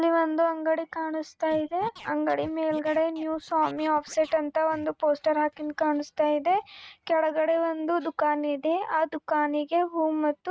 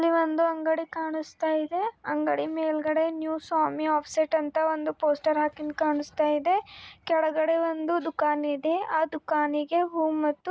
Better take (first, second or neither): second